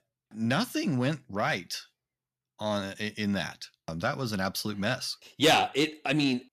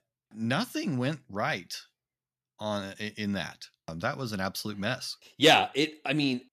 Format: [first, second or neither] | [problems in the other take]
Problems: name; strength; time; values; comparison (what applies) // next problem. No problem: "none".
second | distortion; slight; 10 dB below the speech